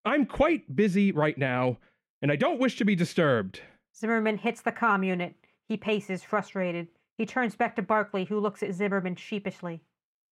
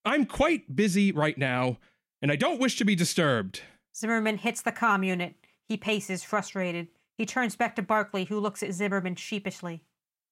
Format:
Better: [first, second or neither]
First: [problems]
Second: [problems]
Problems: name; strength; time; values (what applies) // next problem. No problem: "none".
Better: second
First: muffled; slightly; fading above 4 kHz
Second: none